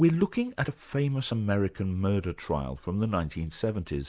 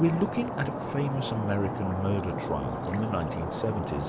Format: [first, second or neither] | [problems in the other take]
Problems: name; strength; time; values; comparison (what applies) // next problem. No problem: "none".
first | background sound (Stream); 3 dB below the speech